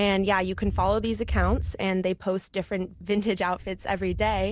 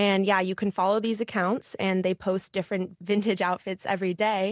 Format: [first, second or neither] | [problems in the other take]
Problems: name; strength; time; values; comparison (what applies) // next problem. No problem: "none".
second | background sound (Thunder); 7 dB below the speech